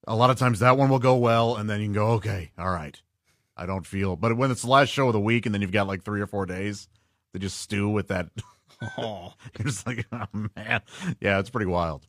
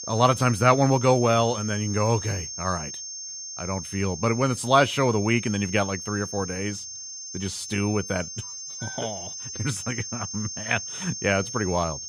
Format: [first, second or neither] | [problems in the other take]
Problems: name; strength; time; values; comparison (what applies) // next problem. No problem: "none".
first | high-pitched whine; loud; throughout; 6.5 kHz, 8 dB below the speech